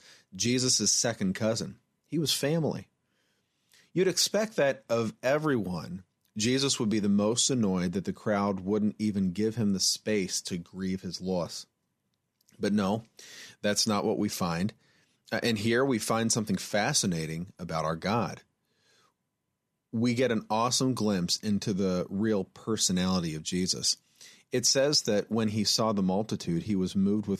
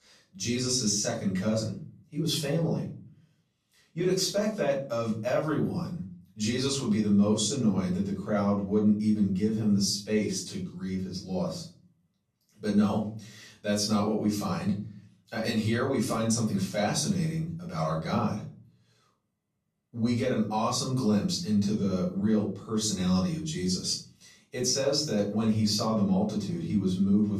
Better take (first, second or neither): first